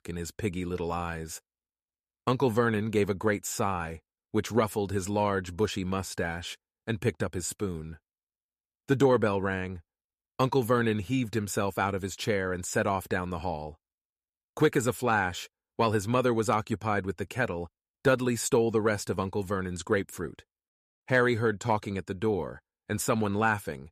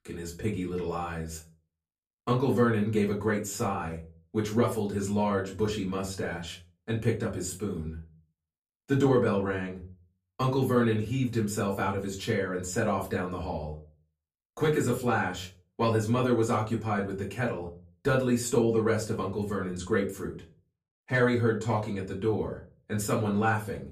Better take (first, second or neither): first